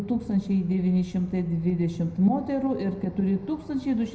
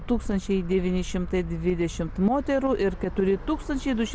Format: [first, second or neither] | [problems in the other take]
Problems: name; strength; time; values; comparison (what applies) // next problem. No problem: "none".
second | room echo; dies away in 0.7 s